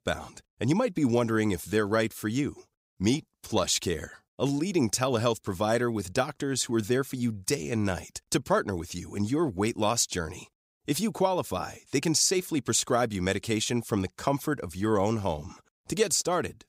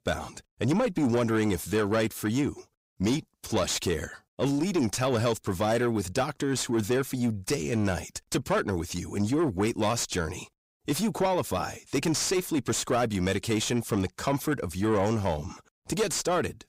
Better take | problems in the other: first | distortion; slight; 9 dB below the speech

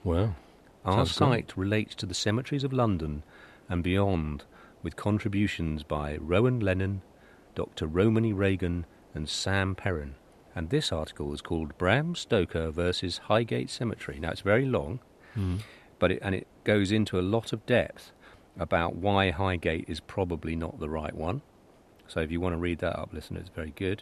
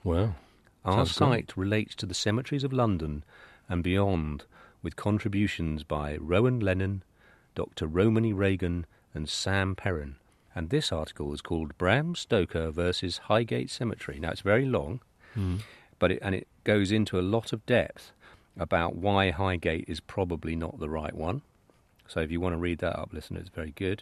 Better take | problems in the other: second | hiss; faint; throughout; 30 dB below the speech

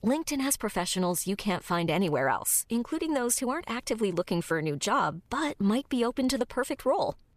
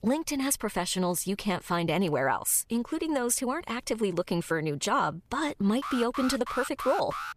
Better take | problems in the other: first | alarm; noticeable; from 6 s on; peak 7 dB below the speech

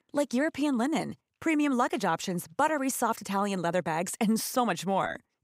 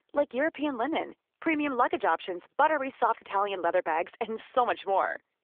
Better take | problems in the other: first | phone-call audio

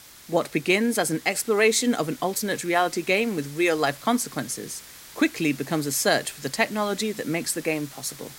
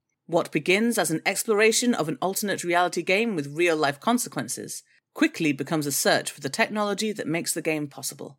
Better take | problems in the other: second | hiss; noticeable; throughout; 20 dB below the speech

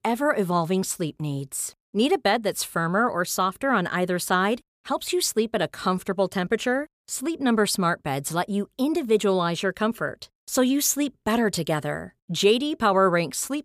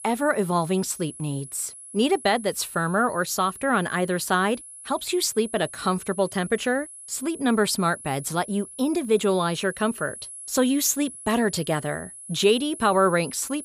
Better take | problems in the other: first | high-pitched whine; noticeable; throughout; 10.5 kHz, 15 dB below the speech

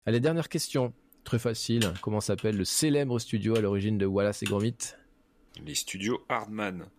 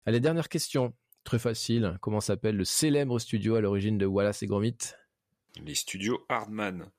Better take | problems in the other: second | keyboard typing; noticeable; from 2 to 4.5 s; peak 6 dB below the speech

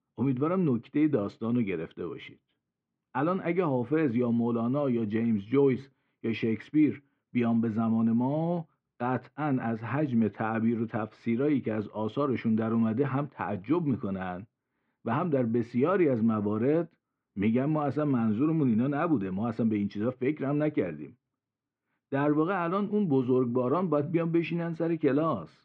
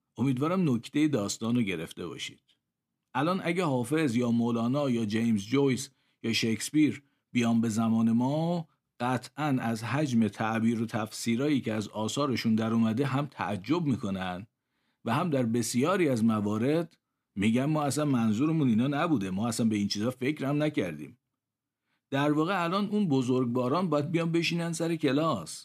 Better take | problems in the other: second | muffled; very; fading above 2 kHz

